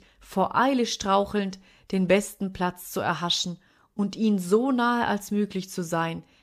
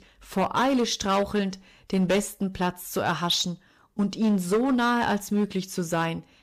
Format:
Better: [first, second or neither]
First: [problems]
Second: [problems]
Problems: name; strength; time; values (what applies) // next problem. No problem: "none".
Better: first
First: none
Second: distortion; slight; 8% of the sound clipped